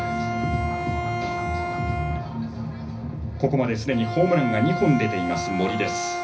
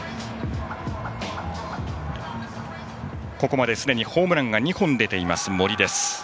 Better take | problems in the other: second | background sound (Bowed string instrument); 5 dB below the speech // room echo; dies away in 0.4 s

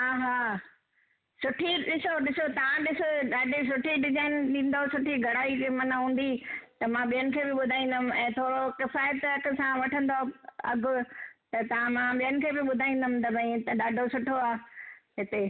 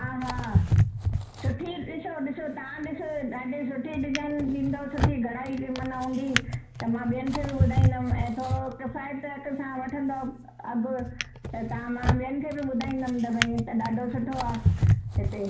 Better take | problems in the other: first | background sound (Drawer open or close); 2 dB above the speech // room echo; dies away in 0.6 s

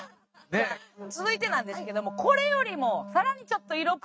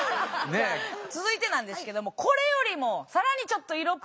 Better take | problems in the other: second | noise reduction (neural mask model RNNoise)

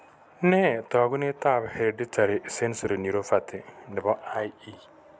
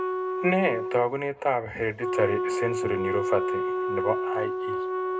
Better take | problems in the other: first | background sound (Wind instrument, woodwind instrument); as loud as the speech // room echo; dies away in 0.2 s

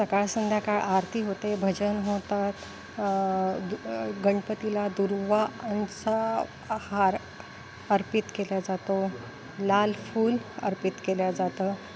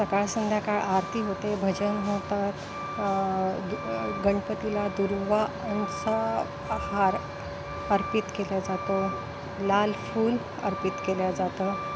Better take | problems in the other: first | background sound (Truck); 7 dB below the speech

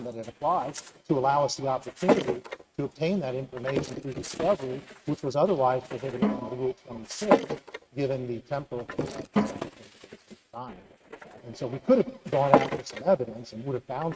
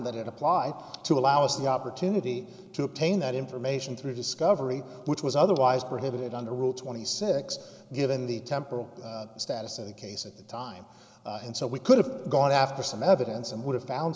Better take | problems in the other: second | noise reduction (neural mask model RNNoise)

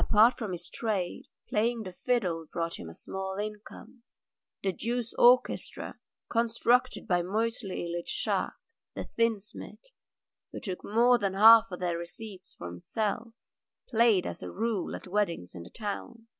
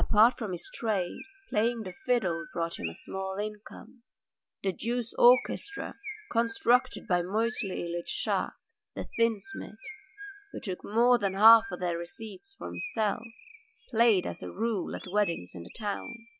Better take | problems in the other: first | background sound (Chirp, tweet); 17 dB below the speech

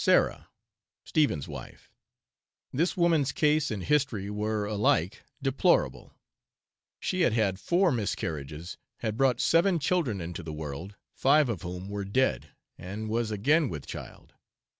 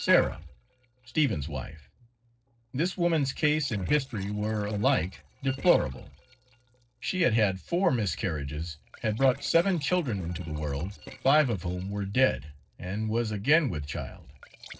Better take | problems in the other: first | noise reduction (neural separator model SepFormer DNS4)

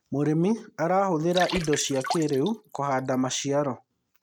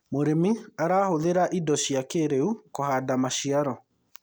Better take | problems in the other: second | noise reduction (neural mask model RNNoise)

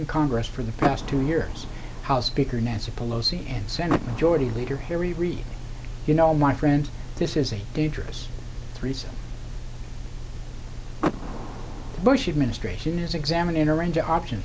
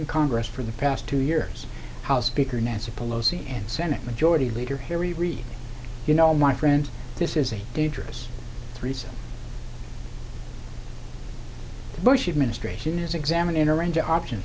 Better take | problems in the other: second | background sound (Door / Car); 10 dB below the speech

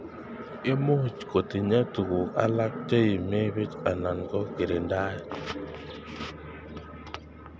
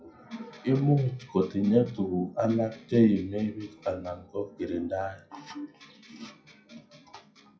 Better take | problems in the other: first | noise reduction (classical method WPE with log-MMSE)

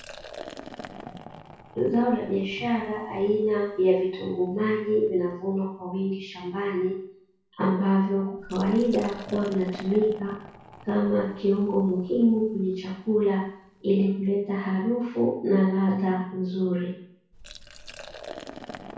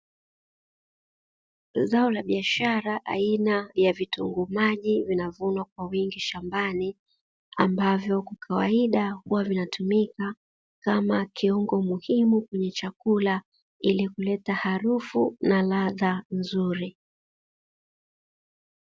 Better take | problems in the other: second | background sound (Liquid); 20 dB below the speech // room echo; dies away in 0.6 s

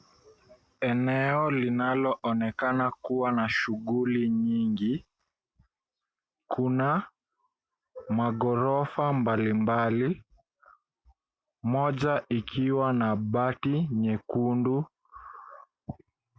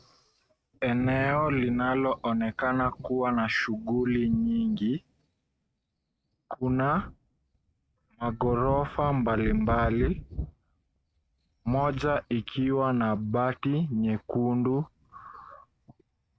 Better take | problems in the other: first | noise reduction (neural mask model RNNoise)

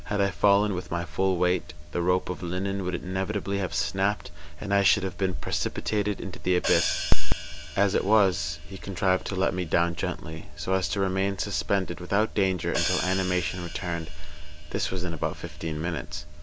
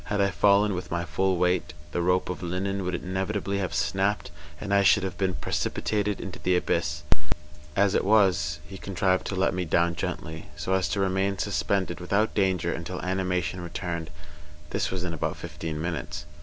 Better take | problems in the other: second | background sound (Hi-hat); 14 dB below the speech

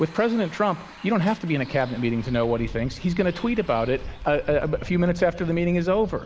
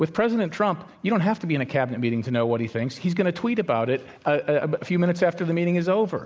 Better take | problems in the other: second | background sound (Bus); 15 dB below the speech

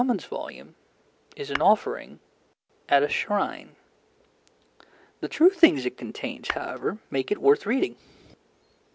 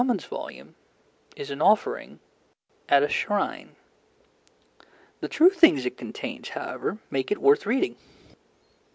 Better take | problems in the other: second | background sound (Tap / Glass); 9 dB below the speech

